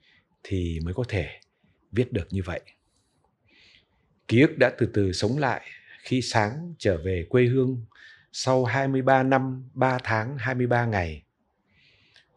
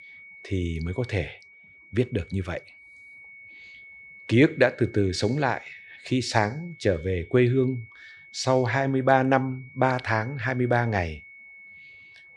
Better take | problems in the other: first | high-pitched whine; faint; throughout; 2 kHz, 20 dB below the speech

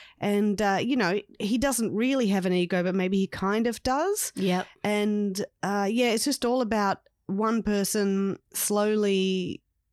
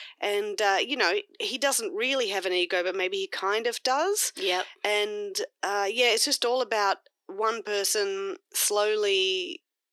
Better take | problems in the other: first | thin; very; fading below 350 Hz

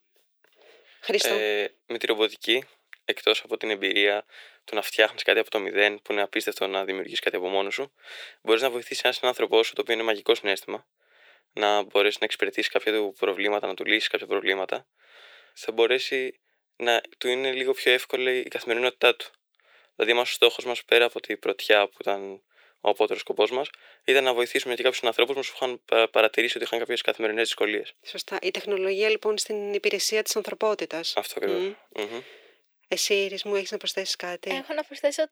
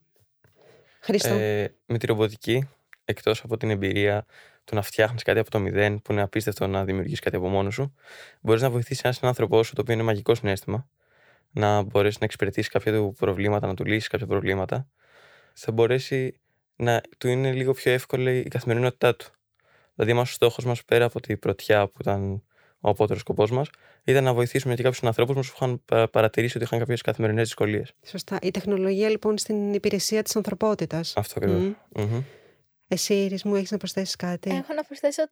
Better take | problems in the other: second | thin; very; fading below 300 Hz

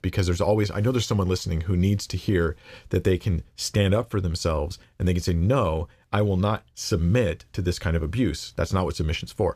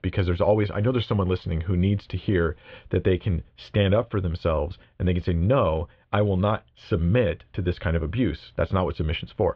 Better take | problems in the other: first | muffled; very; fading above 3.5 kHz

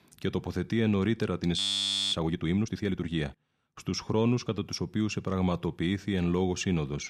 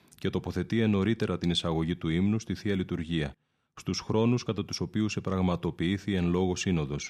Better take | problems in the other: second | audio freezing; at 1.5 s for 0.5 s

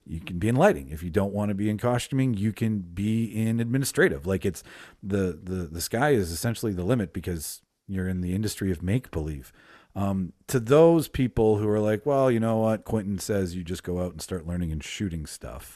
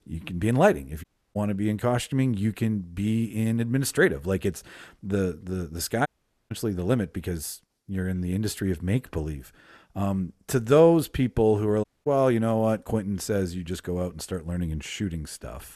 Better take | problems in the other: first | audio cutting out; at 1 s, at 6 s and at 12 s

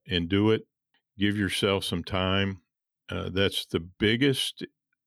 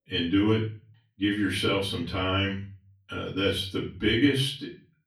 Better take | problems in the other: first | off-mic speech; far // room echo; slight; dies away in 0.4 s

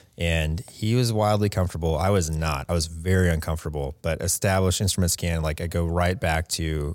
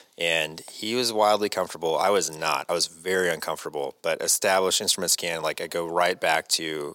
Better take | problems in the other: first | thin; very; fading below 300 Hz

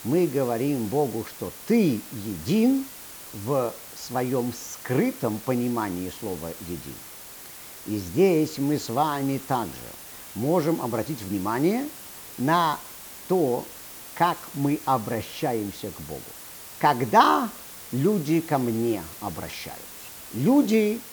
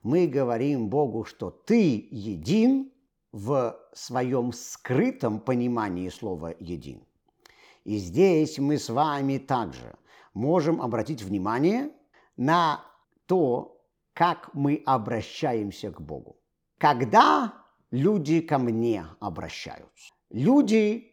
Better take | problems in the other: second | hiss; noticeable; throughout; 15 dB below the speech

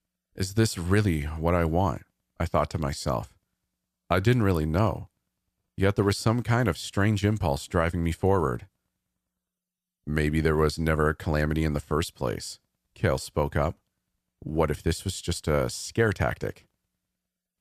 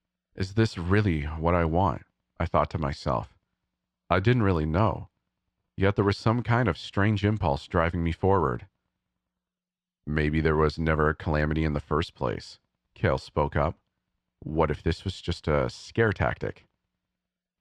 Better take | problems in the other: first | muffled; very slightly; fading above 3.5 kHz

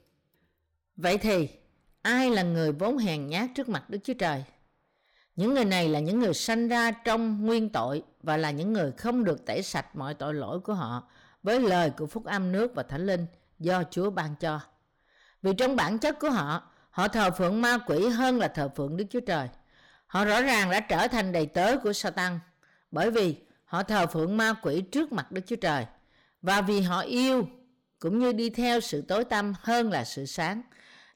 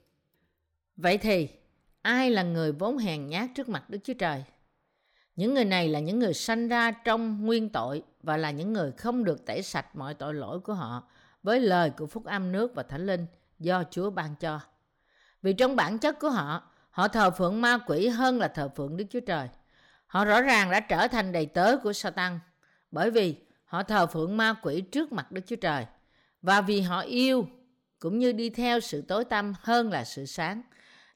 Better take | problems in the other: second | distortion; slight; 7% of the sound clipped

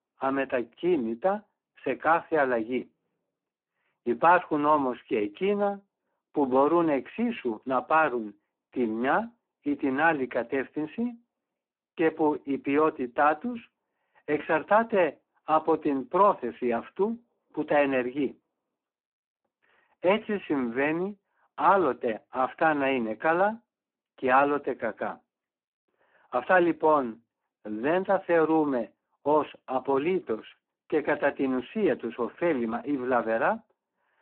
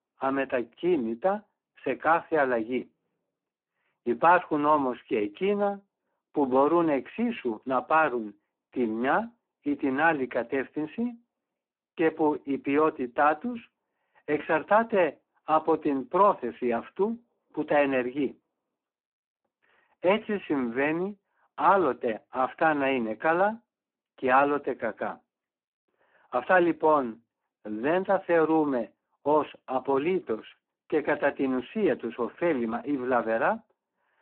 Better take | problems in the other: neither | phone-call audio; poor line; the same in both

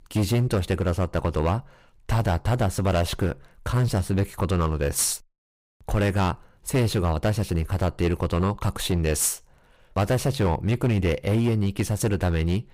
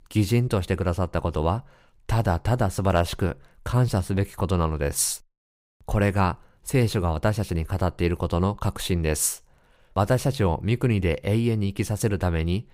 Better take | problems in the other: second | distortion; slight; 10% of the sound clipped

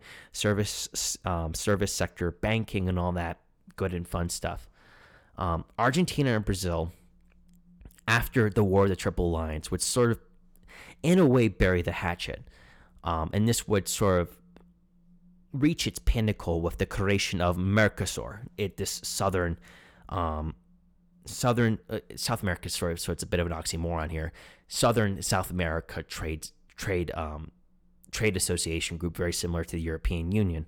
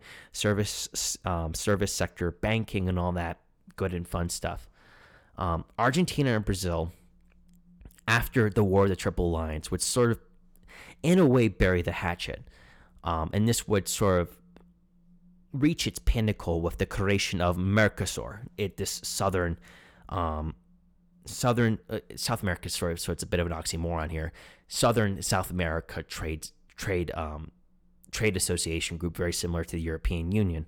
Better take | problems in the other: neither | none

